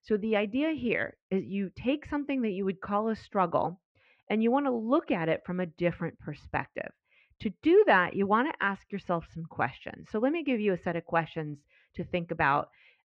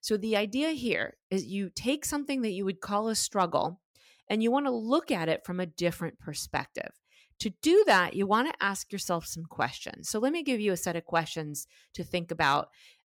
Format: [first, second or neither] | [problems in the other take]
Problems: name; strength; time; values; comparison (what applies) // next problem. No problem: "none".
second | muffled; very; fading above 2.5 kHz